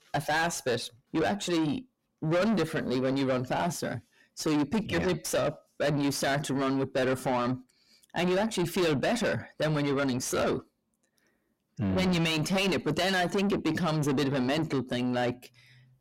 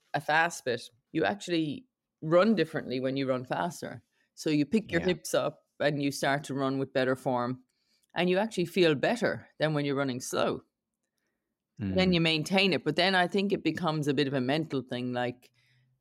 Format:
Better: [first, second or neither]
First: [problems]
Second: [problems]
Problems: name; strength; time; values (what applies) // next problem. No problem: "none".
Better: second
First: distortion; heavy; 5 dB below the speech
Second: none